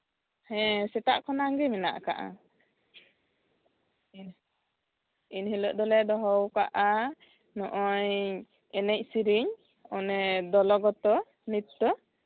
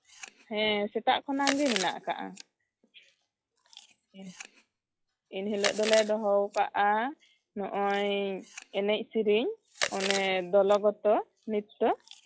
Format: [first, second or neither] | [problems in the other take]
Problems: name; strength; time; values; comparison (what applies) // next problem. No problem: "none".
first | noise reduction (classical method log-MMSE)